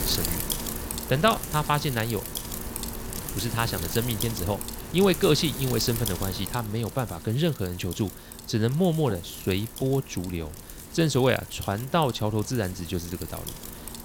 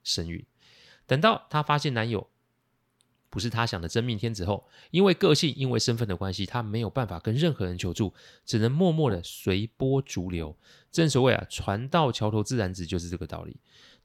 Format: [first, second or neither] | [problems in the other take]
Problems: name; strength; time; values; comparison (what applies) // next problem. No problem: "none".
second | wind noise on the microphone; heavy; 10 dB below the speech